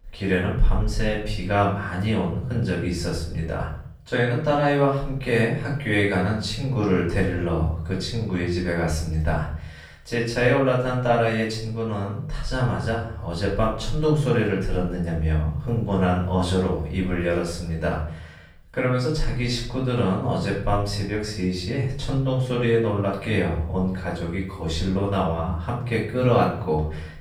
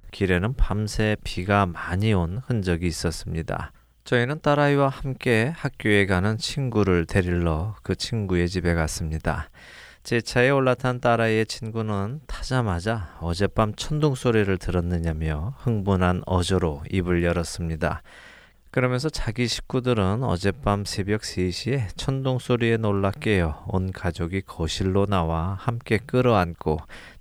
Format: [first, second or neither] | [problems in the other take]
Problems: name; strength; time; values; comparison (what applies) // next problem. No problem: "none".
second | off-mic speech; far // room echo; noticeable; dies away in 0.6 s